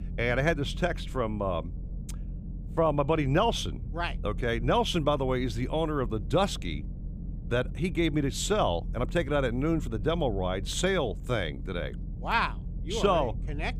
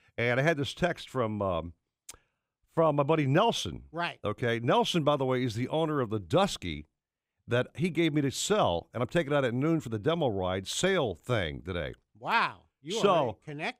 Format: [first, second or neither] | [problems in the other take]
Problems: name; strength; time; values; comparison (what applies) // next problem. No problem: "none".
second | low rumble; faint; throughout; 20 dB below the speech